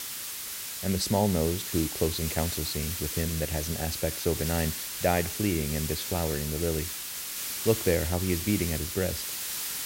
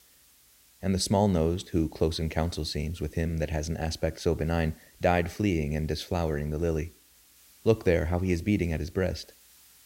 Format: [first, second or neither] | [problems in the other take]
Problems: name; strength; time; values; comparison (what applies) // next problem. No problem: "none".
second | hiss; loud; throughout; 3 dB below the speech; faint in the second